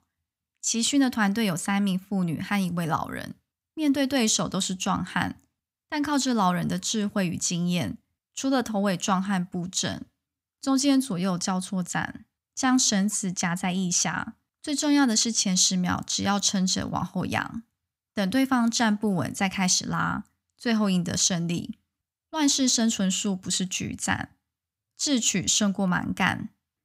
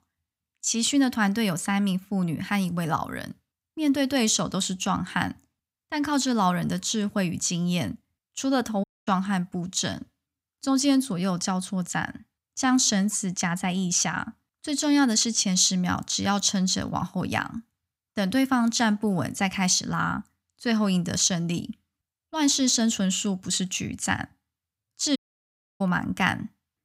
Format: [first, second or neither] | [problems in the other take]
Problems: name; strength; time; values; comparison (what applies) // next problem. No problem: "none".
first | audio cutting out; at 9 s and at 25 s for 0.5 s